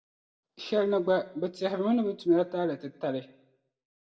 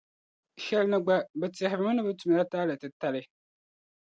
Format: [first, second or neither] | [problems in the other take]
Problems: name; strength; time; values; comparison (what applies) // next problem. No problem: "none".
second | room echo; dies away in 0.6 s